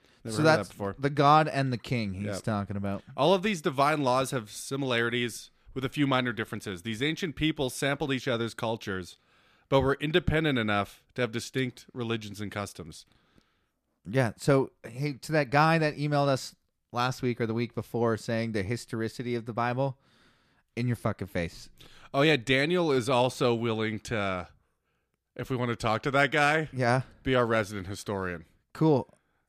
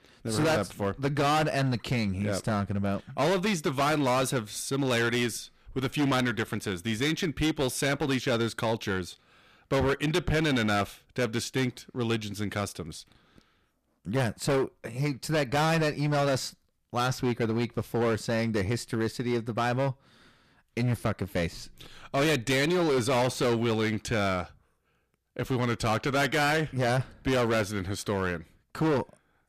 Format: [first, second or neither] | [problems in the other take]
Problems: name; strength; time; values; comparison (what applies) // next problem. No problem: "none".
first | distortion; heavy; 13% of the sound clipped